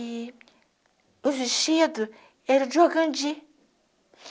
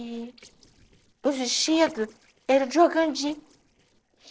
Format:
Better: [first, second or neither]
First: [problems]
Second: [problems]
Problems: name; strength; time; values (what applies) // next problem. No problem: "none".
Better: first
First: none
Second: noise reduction (neural separator model SepFormer DNS4)